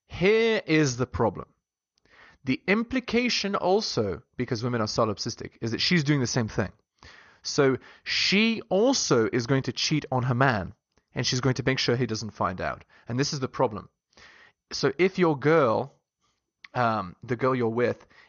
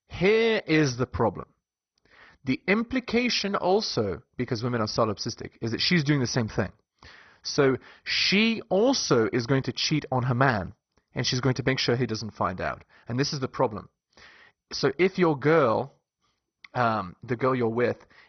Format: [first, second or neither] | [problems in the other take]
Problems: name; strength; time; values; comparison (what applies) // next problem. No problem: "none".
first | garbled, watery; badly; nothing above 6 kHz; slightly in the first